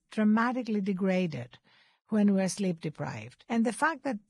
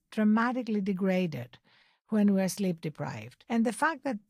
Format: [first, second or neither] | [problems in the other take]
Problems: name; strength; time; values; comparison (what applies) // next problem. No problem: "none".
second | garbled, watery; badly; nothing above 10.5 kHz; slightly in the second